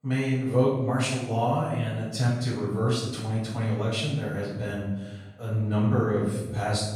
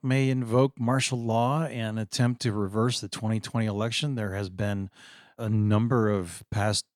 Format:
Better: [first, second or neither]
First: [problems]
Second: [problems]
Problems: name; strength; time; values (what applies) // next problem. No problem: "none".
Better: second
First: off-mic speech; far // room echo; noticeable; dies away in 0.9 s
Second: none